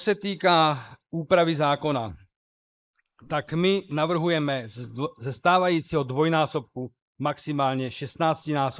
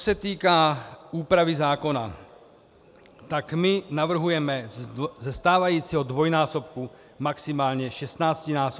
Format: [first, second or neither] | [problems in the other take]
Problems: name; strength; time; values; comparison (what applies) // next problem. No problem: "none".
second | noise reduction (neural mask model Resemble Enhance denoiser)